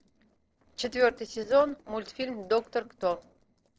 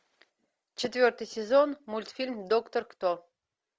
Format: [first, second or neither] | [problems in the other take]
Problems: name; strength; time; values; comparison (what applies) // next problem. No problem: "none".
second | noise reduction (neural separator model SepFormer DNS4)